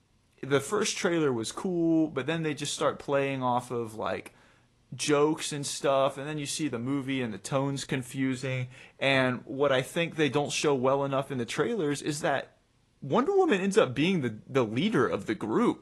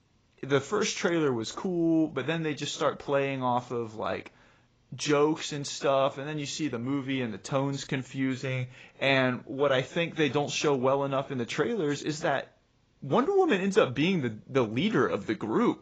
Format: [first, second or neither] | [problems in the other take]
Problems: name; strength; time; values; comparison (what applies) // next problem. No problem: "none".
first | garbled, watery; badly; nothing above 7.5 kHz; slightly in the first